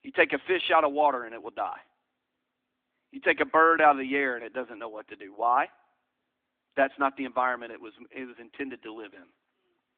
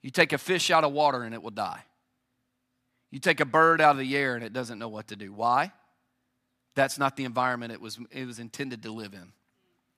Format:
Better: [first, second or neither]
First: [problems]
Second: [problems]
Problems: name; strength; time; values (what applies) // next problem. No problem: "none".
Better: second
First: phone-call audio; nothing above 3.5 kHz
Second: none